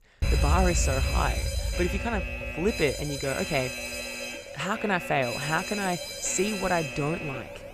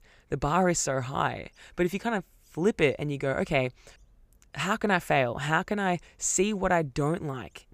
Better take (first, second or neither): second